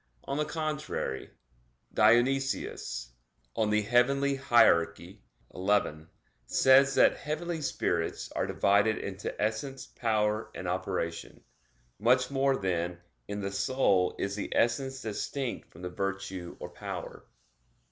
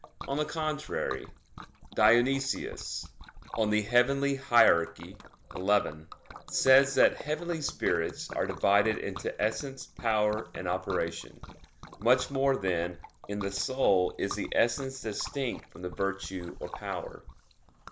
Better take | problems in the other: first | background sound (Liquid); 16 dB below the speech

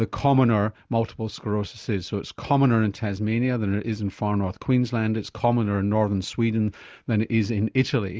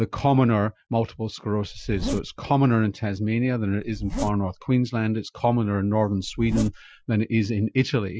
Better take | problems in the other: first | noise reduction (classical method Wiener filter)

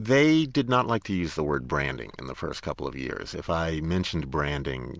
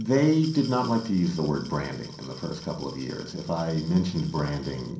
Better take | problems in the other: first | background sound (Glass); 19 dB below the speech // room echo; dies away in 0.6 s

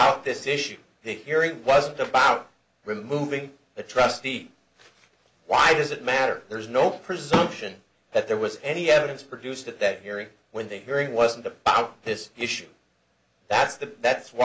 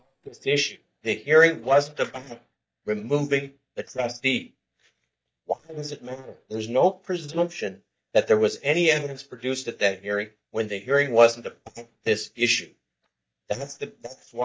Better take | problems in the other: first | noise reduction (neural mask model DeepFilterNet 3)

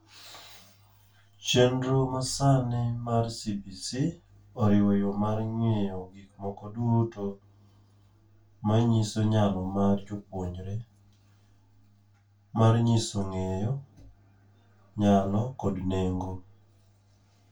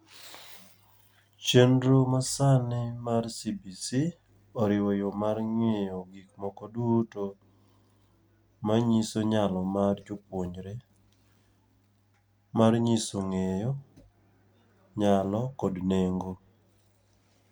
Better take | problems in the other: second | room echo; dies away in 0.2 s

